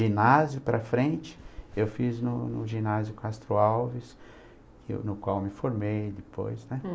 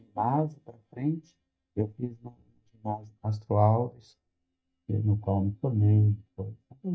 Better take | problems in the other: first | noise reduction (neural mask model DeepFilterNet 3)

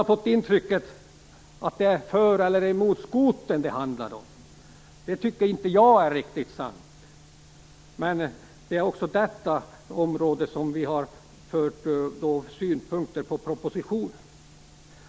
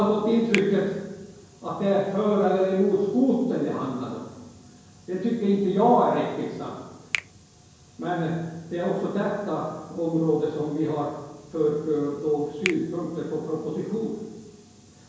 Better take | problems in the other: first | background sound (Finger snapping); 14 dB below the speech // room echo; dies away in 1 s

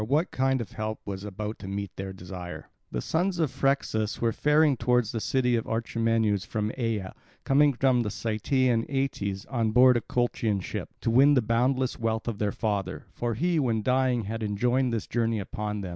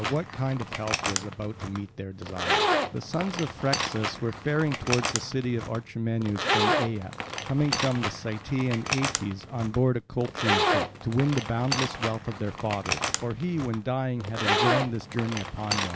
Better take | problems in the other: first | background sound (Zipper (clothing)); 1 dB below the speech

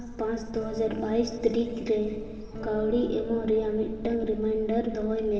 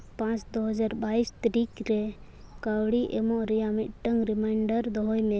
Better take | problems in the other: second | background sound (Electric guitar / Strum); 12 dB below the speech // room echo; dies away in 2.6 s

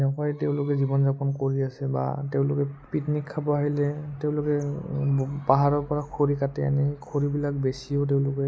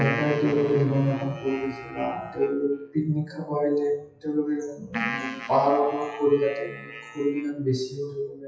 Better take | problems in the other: first | noise reduction (classical method WPE with log-MMSE)

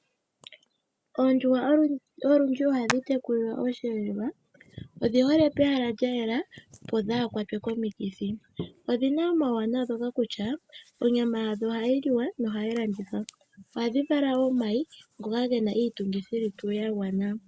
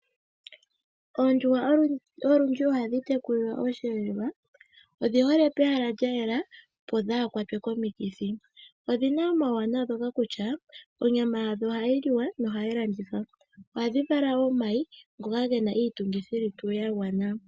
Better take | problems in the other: second | background sound (Hands); 19 dB below the speech

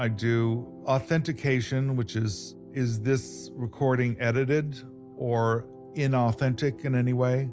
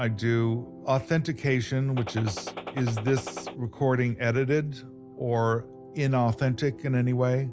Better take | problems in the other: first | background sound (Gunshot, gunfire); 11 dB below the speech

